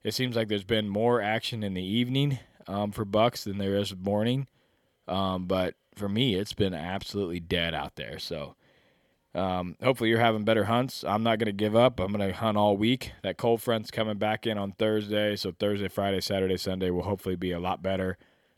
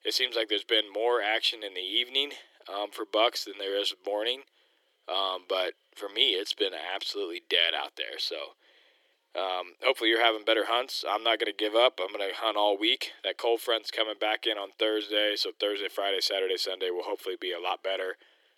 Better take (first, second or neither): first